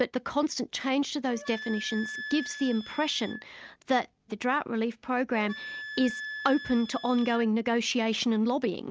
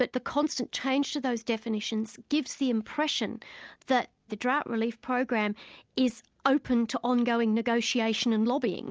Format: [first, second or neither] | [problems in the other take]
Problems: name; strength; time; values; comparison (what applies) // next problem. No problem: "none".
second | background sound (Wind instrument, woodwind instrument); 13 dB below the speech